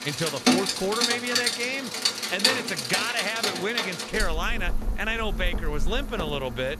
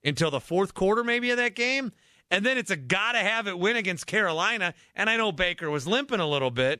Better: second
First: rain or running water; very loud; throughout; 2 dB above the speech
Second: none

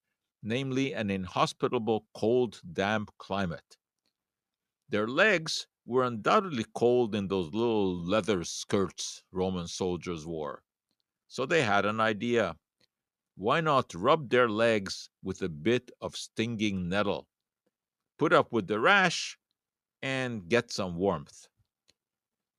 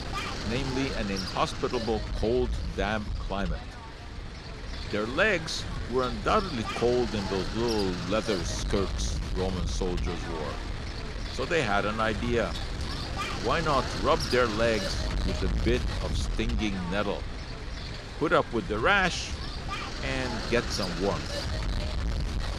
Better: first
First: none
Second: wind noise on the microphone; heavy; 7 dB below the speech

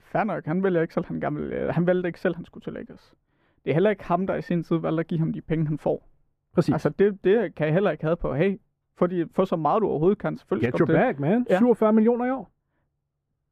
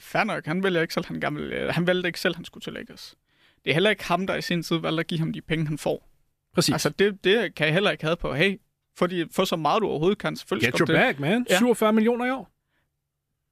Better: second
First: muffled; very; fading above 2 kHz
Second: none

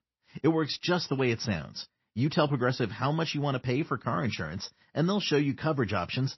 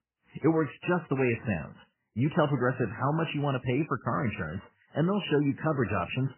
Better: first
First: garbled, watery; slightly; nothing above 5.5 kHz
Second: garbled, watery; badly; nothing above 3 kHz

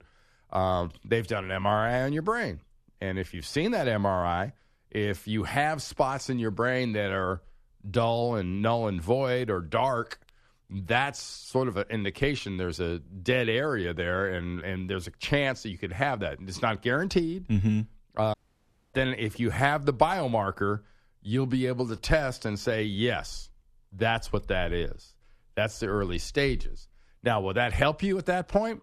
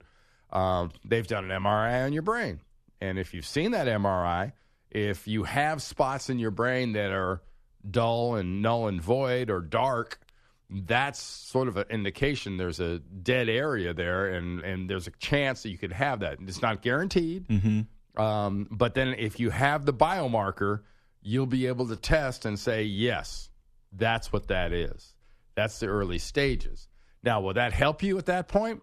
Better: second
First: audio cutting out; at 18 s for 0.5 s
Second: none

